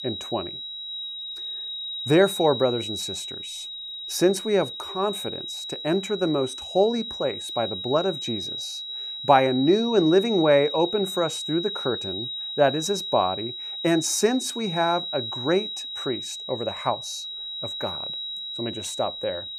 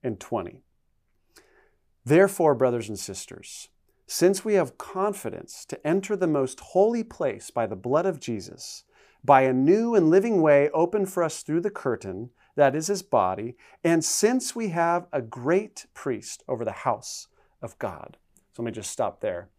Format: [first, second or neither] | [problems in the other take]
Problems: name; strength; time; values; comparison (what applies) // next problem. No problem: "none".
second | high-pitched whine; loud; throughout; 4 kHz, 6 dB below the speech